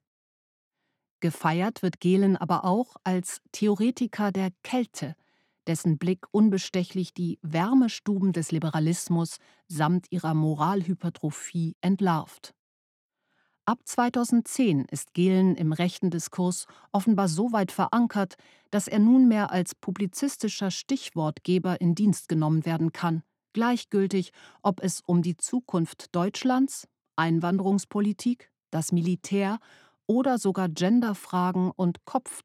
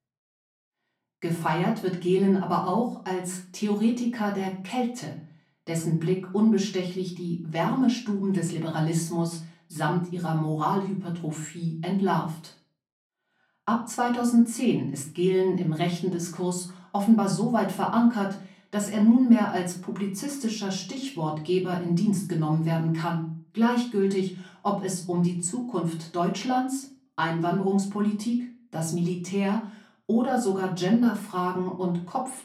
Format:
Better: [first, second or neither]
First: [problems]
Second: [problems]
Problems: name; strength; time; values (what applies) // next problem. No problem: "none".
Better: first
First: none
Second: off-mic speech; far // room echo; slight; dies away in 0.3 s